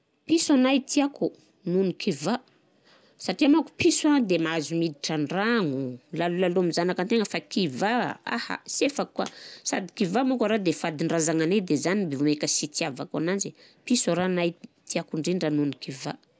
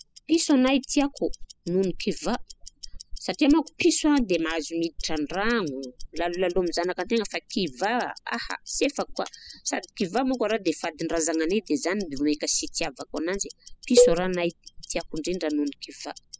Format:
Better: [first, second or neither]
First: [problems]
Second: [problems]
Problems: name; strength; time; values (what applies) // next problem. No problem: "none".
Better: first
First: none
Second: noise reduction (classical method spectral subtraction)